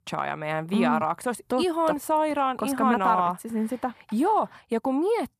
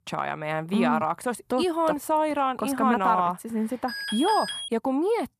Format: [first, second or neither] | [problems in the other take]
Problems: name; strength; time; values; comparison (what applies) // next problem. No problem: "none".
first | alarm; noticeable; at 4 s; peak 5 dB below the speech